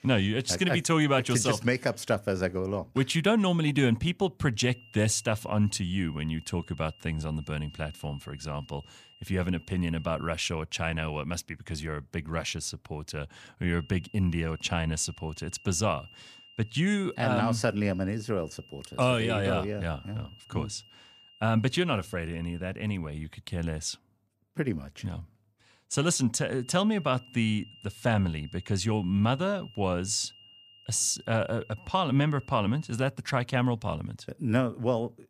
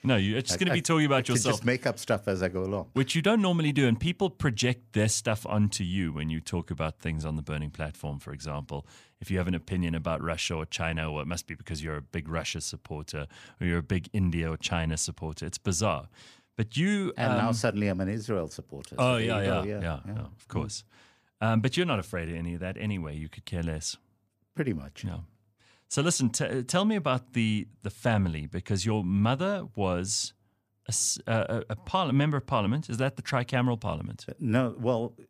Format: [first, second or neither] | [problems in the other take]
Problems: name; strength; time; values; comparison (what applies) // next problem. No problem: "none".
second | high-pitched whine; faint; from 4.5 to 10 s, from 14 to 23 s and from 27 to 33 s; 3 kHz, 25 dB below the speech